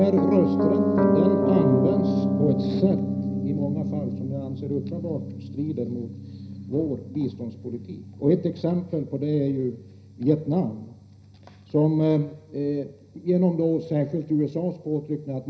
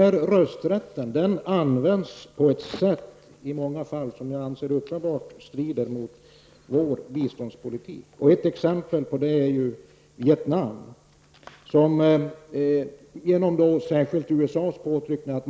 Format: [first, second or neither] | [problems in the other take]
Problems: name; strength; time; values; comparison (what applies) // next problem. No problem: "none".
second | background sound (Piano); 2 dB below the speech // room echo; dies away in 0.5 s